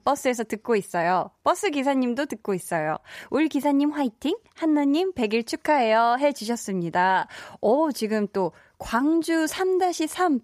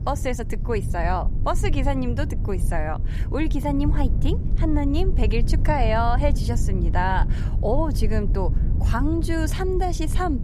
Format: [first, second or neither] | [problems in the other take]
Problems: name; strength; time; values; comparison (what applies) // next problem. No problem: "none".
first | low rumble; noticeable; throughout; 15 dB below the speech